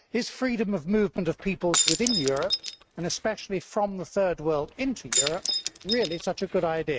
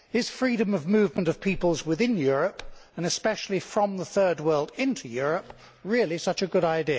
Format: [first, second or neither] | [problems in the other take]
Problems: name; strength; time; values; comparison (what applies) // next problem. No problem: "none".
second | noise reduction (neural mask model RNNoise)